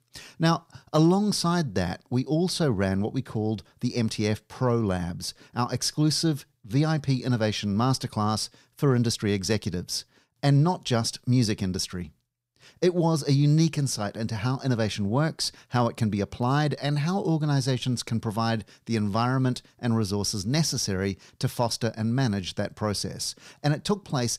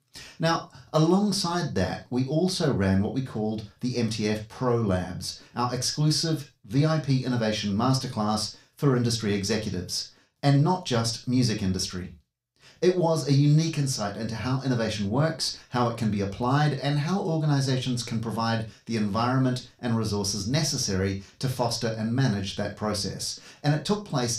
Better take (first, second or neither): first